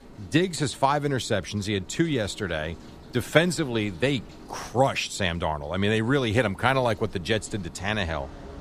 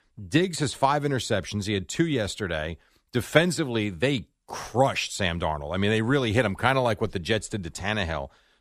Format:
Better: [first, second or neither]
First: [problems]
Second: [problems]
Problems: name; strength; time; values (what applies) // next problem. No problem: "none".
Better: second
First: rain or running water; faint; throughout; 20 dB below the speech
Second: none